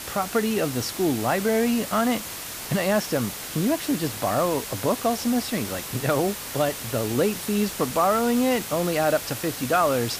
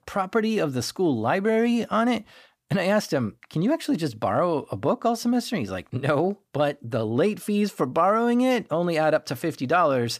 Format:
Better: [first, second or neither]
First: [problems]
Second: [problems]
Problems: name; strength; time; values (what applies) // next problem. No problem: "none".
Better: second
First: hiss; loud; throughout; 7 dB below the speech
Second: none